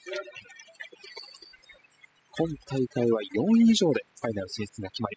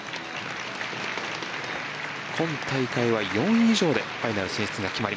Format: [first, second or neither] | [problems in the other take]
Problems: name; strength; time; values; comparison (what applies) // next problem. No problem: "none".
second | noise reduction (classical method spectral subtraction)